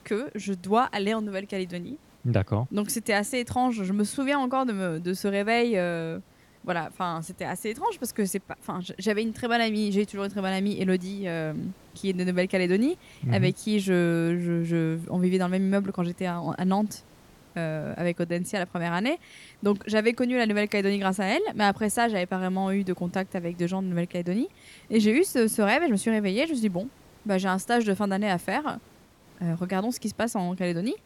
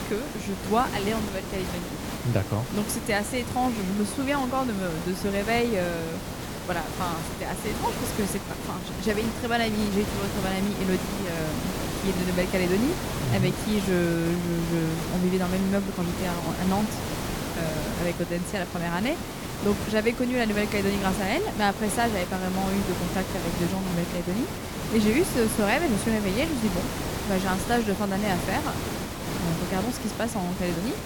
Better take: first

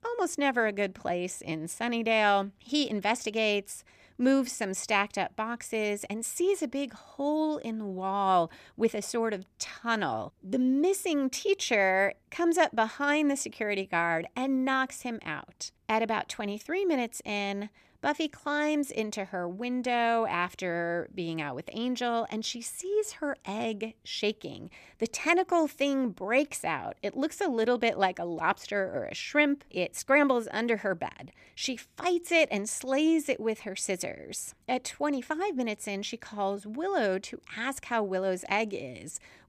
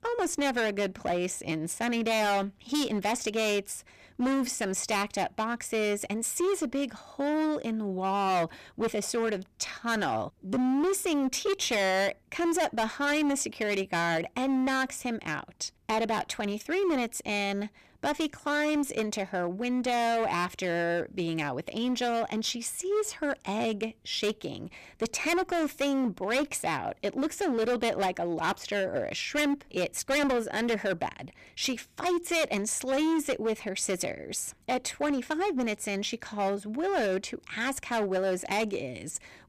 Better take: first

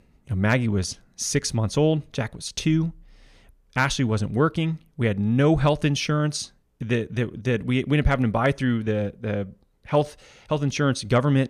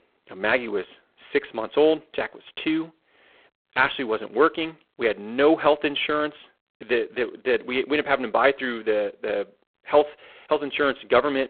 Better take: first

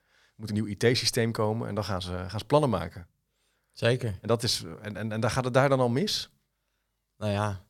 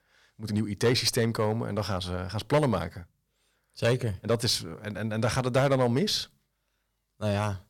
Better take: first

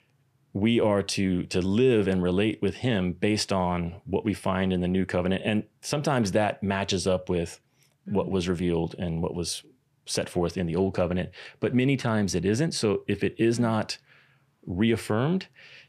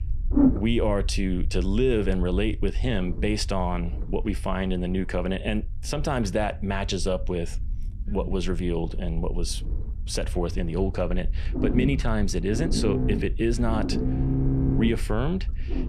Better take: first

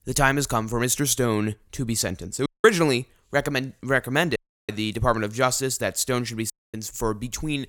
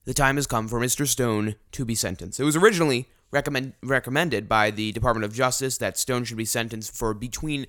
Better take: second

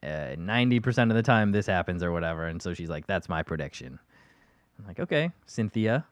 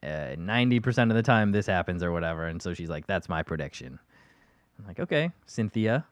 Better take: neither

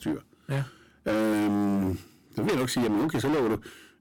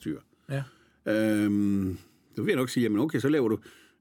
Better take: second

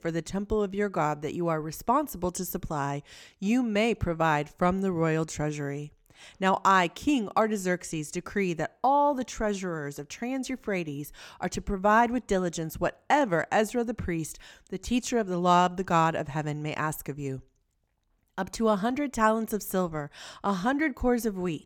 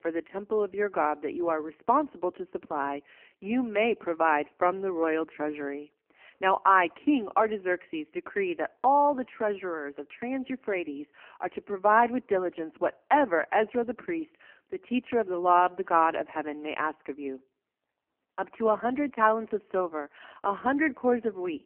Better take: first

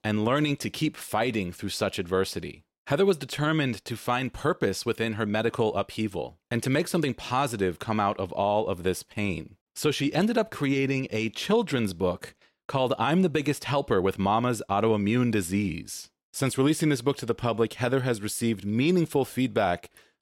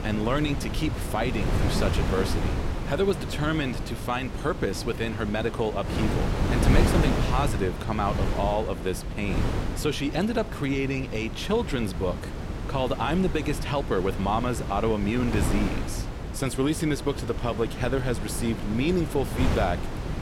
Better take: first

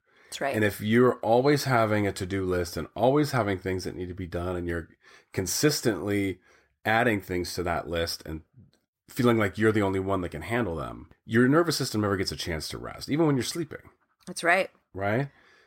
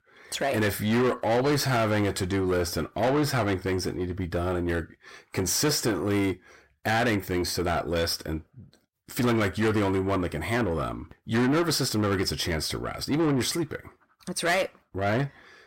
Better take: first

